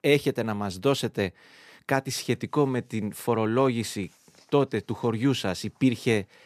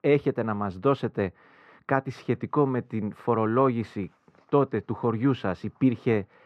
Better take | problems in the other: first | muffled; very; fading above 4 kHz

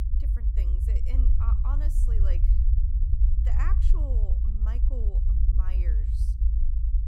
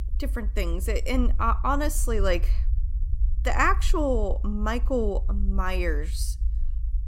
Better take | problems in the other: second | low rumble; loud; throughout; 1 dB below the speech; faint in the second

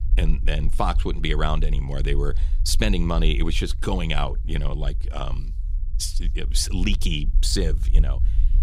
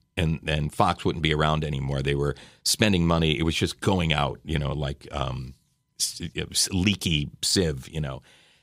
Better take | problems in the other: second | low rumble; faint; throughout; 20 dB below the speech

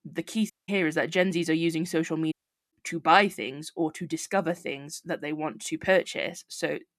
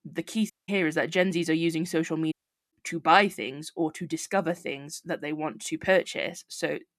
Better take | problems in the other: neither | audio cutting out; at 0.5 s and at 2.5 s; the same in both

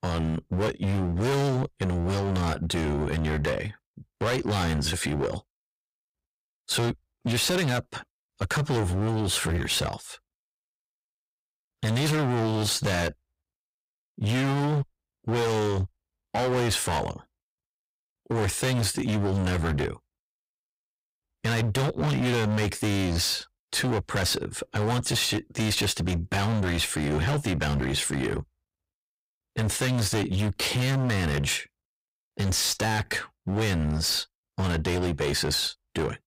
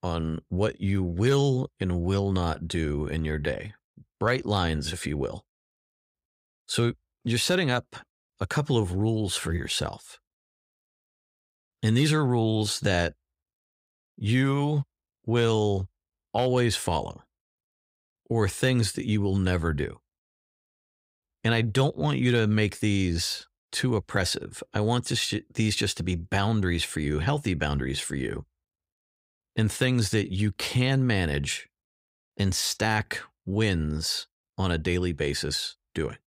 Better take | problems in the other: second | distortion; heavy; 25% of the sound clipped

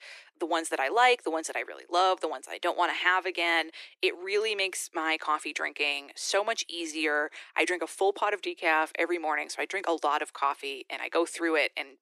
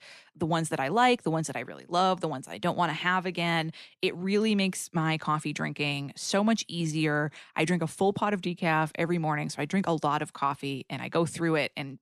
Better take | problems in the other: second | thin; very; fading below 350 Hz

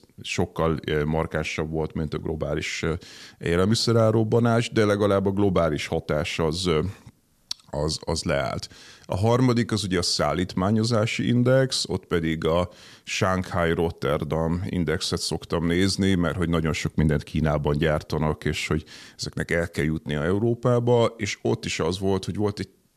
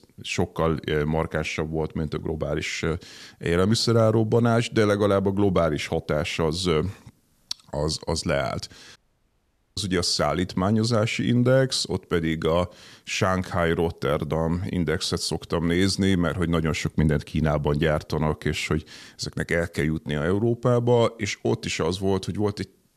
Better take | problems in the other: first | audio cutting out; at 9 s for 1 s

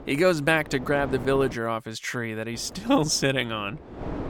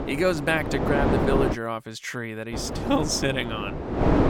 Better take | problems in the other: first | wind noise on the microphone; heavy; until 1.5 s and from 2.5 s on; 3 dB below the speech; occasional gusts in the first

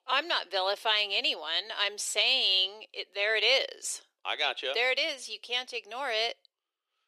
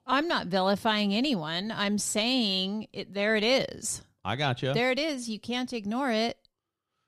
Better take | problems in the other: second | thin; very; fading below 400 Hz

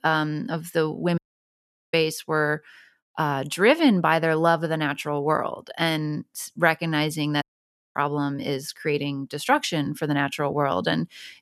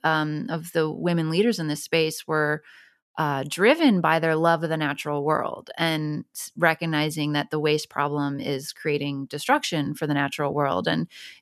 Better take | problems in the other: second | audio cutting out; at 1 s for 1 s and at 7.5 s for 0.5 s

